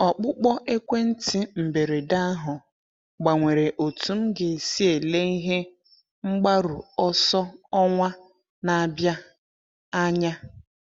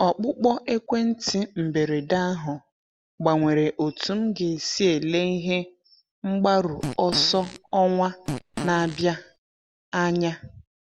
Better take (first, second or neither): first